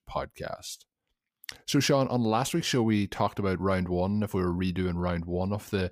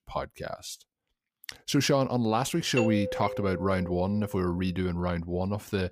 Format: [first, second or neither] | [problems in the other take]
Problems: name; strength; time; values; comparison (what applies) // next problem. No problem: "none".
first | doorbell; noticeable; from 3 to 4.5 s; peak 2 dB below the speech